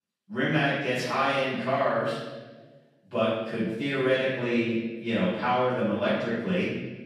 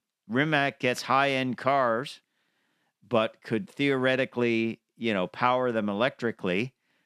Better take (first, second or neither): second